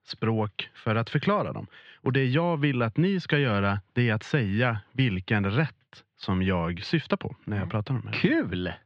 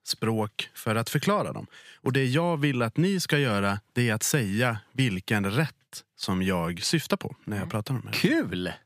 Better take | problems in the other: second | muffled; slightly; fading above 3.5 kHz

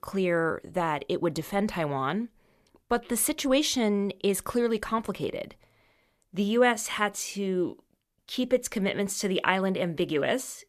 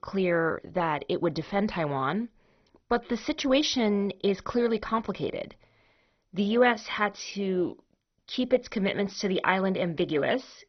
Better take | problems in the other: first | garbled, watery; badly; nothing above 6 kHz

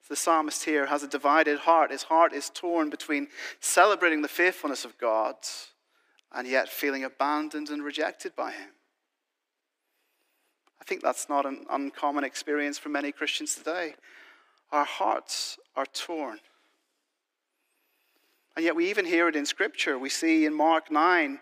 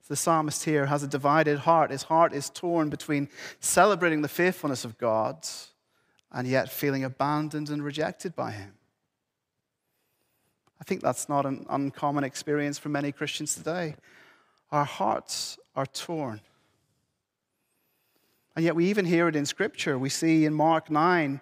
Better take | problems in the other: second | thin; very slightly; fading below 300 Hz

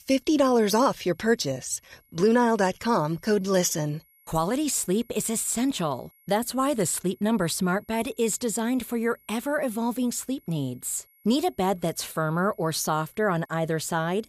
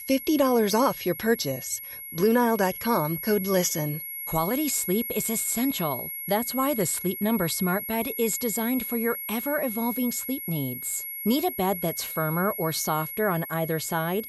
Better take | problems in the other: first | high-pitched whine; loud; throughout; 11.5 kHz, 6 dB below the speech; faint in the first

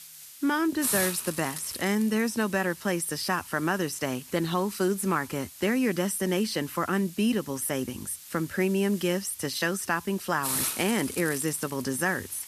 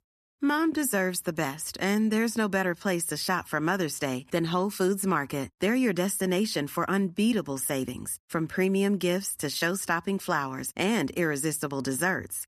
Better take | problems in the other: second | hiss; loud; throughout; 9 dB below the speech

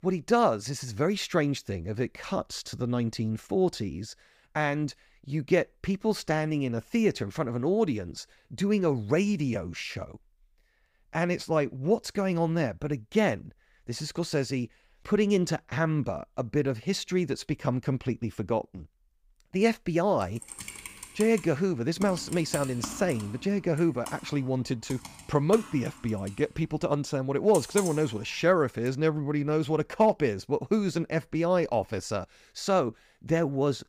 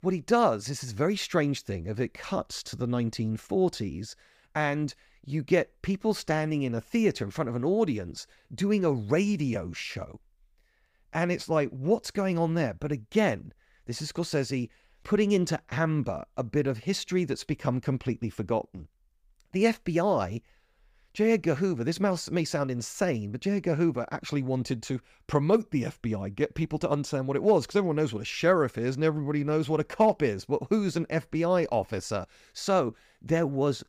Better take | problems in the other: second | keyboard typing; noticeable; from 20 to 29 s; peak 6 dB below the speech

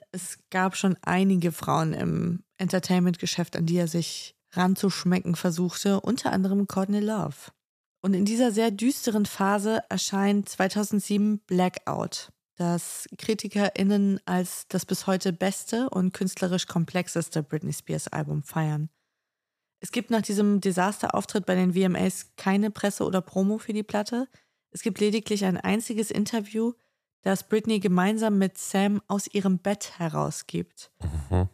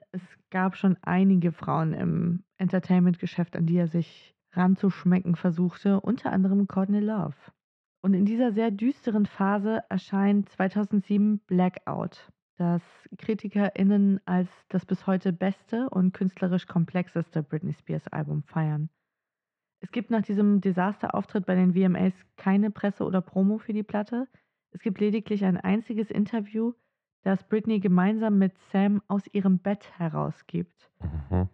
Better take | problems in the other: first | muffled; very; fading above 2.5 kHz

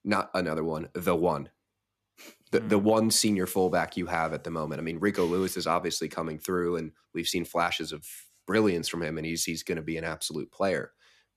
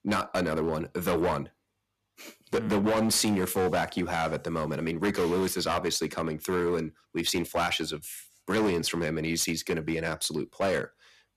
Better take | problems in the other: first | distortion; heavy; 10% of the sound clipped

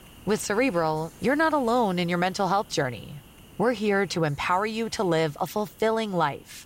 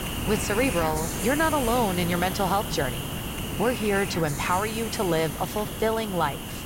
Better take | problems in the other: first | hiss; loud; throughout; 5 dB below the speech; faint in the first

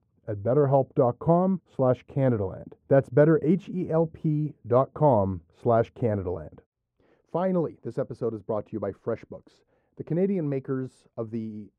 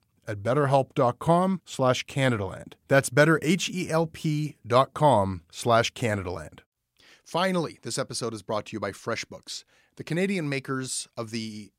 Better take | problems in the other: second | muffled; very; fading above 2 kHz

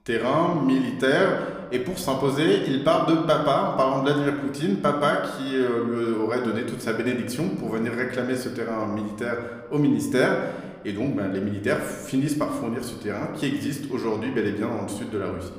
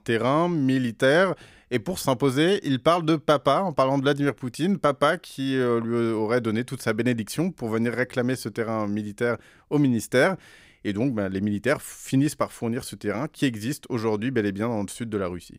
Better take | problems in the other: second | room echo; slight; dies away in 1.1 s

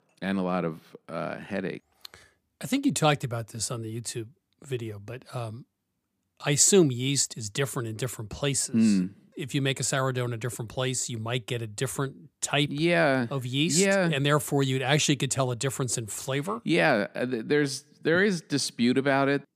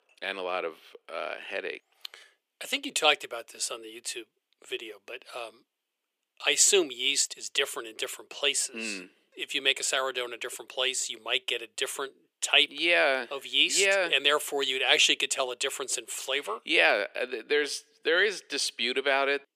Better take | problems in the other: first | thin; very; fading below 400 Hz

